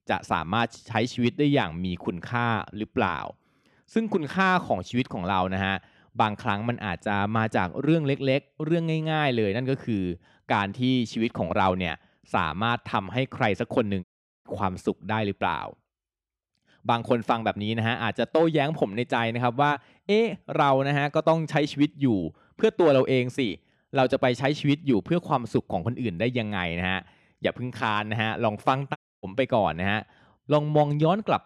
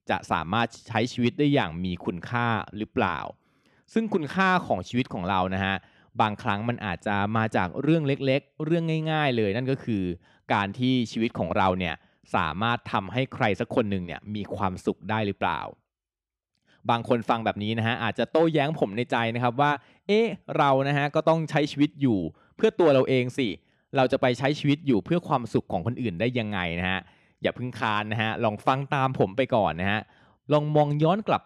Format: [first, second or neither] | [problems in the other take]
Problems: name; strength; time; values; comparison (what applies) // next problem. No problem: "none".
second | audio cutting out; at 14 s and at 29 s